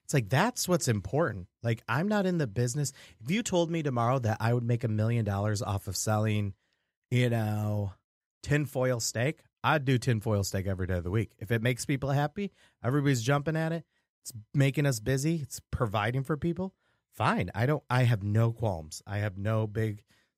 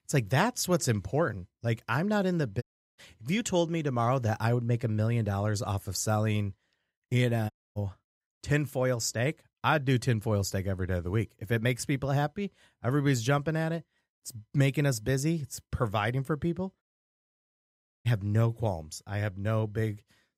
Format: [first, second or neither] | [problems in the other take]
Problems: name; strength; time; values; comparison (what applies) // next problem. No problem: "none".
first | audio cutting out; at 2.5 s, at 7.5 s and at 17 s for 1 s